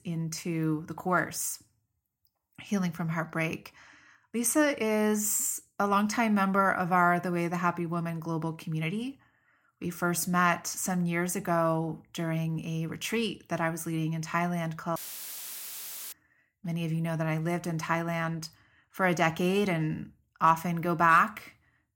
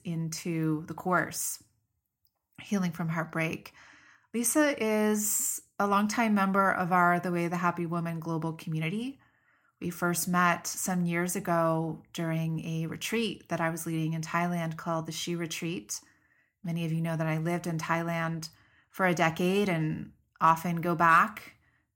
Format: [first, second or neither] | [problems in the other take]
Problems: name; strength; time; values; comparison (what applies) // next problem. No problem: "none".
second | audio cutting out; filled with static; at 15 s for 1 s